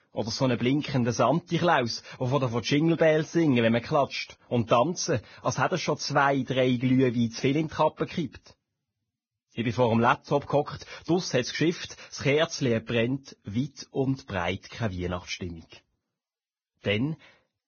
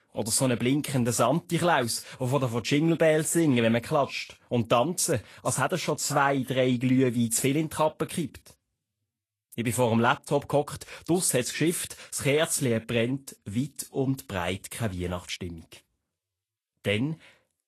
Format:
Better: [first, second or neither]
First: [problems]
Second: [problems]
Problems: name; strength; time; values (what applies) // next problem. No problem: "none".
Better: second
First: garbled, watery; badly; nothing above 6.5 kHz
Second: garbled, watery; slightly; nothing above 12.5 kHz